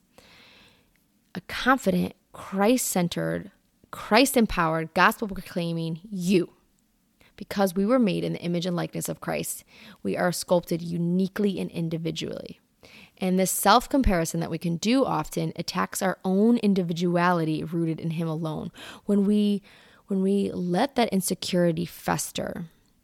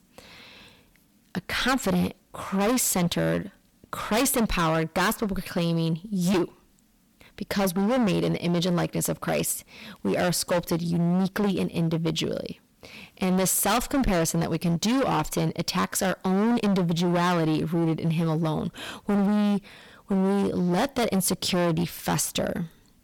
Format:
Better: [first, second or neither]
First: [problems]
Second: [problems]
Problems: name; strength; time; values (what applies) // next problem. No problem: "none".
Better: first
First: none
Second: distortion; heavy; 19% of the sound clipped